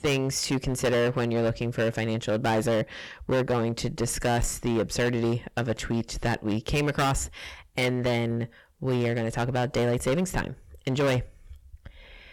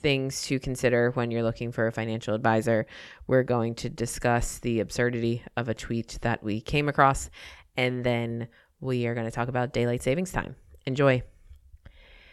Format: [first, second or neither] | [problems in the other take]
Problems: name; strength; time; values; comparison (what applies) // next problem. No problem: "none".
second | distortion; heavy; 13% of the sound clipped